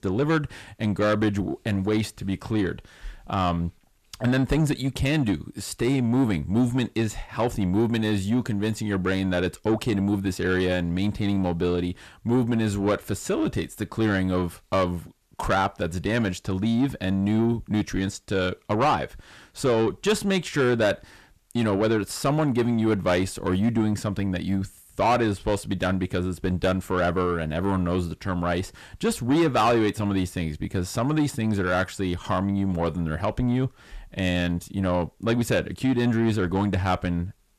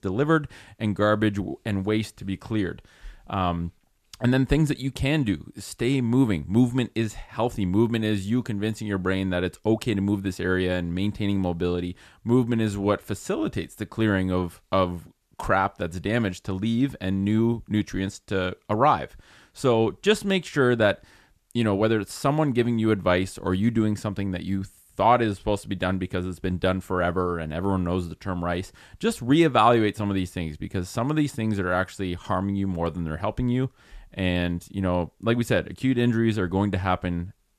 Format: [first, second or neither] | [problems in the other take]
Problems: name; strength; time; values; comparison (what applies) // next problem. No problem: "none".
second | distortion; slight; 10 dB below the speech